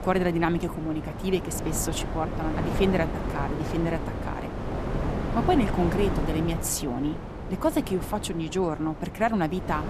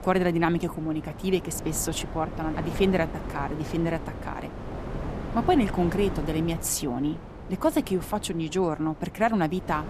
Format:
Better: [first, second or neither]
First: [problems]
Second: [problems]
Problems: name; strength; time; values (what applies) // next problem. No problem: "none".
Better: second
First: wind noise on the microphone; heavy; 6 dB below the speech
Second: wind noise on the microphone; occasional gusts; 10 dB below the speech